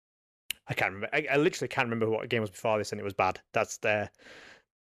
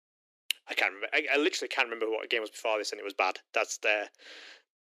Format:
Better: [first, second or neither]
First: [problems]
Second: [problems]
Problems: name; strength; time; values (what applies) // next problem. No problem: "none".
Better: first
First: none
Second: thin; somewhat; fading below 300 Hz